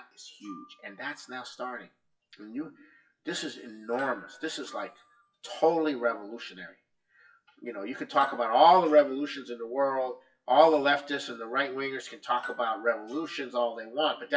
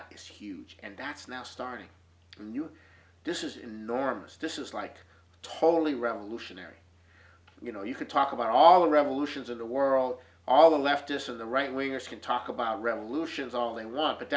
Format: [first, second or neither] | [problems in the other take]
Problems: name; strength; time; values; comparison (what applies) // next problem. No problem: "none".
second | noise reduction (classical method WPE with log-MMSE)